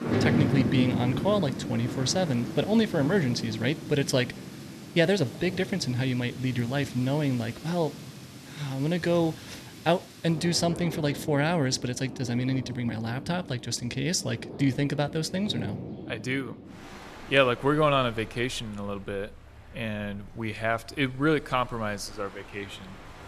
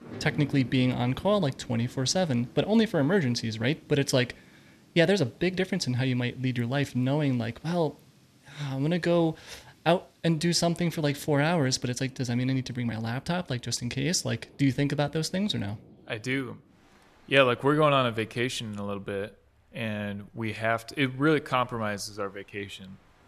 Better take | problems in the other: second | rain or running water; loud; throughout; 8 dB below the speech; faint in the second

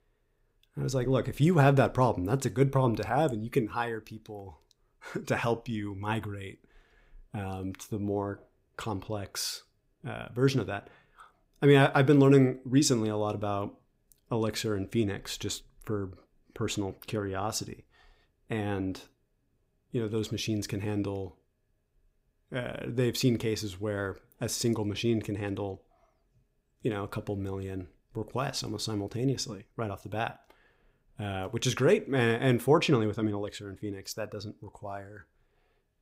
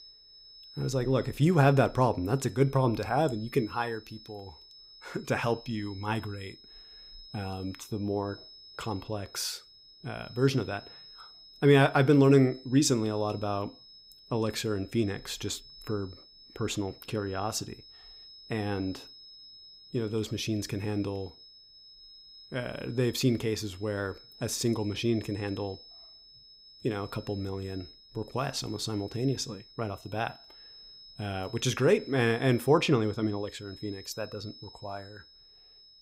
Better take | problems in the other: first | high-pitched whine; noticeable; throughout; 5 kHz, 20 dB below the speech

